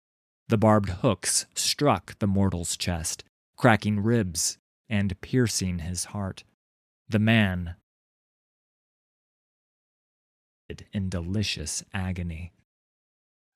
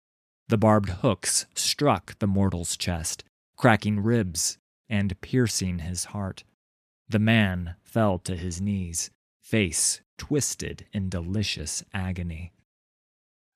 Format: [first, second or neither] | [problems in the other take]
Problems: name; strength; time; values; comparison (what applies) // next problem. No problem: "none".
second | audio cutting out; at 8 s for 3 s